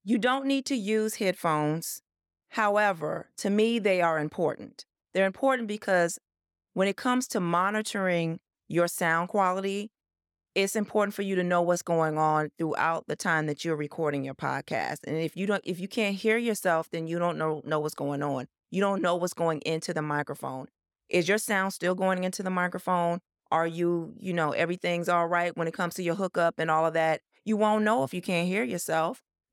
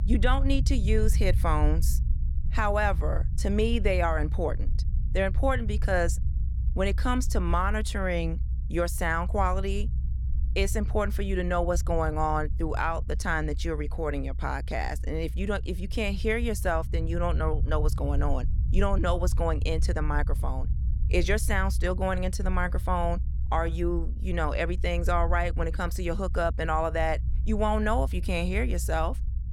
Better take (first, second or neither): first